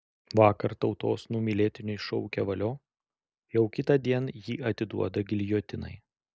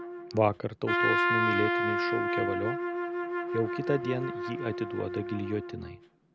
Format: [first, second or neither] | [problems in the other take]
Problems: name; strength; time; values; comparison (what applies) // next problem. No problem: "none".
first | background sound (Trumpet); 2 dB above the speech